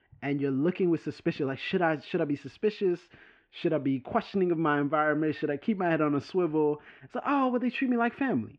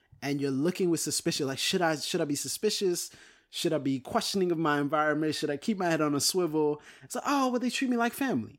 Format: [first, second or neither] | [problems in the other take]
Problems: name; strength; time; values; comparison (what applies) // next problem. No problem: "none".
second | muffled; very; fading above 2.5 kHz